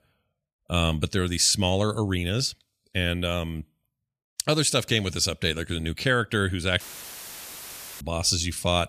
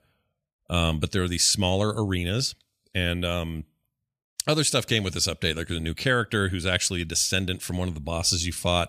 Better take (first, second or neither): second